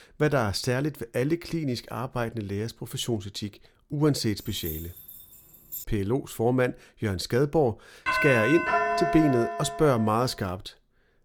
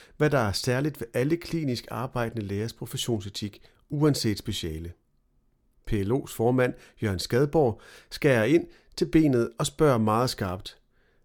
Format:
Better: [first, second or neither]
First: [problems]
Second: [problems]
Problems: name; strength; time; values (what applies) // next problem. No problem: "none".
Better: second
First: jangling keys; noticeable; from 4.5 to 6 s; peak 10 dB below the speech // doorbell; loud; from 8 to 10 s; peak 2 dB above the speech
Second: none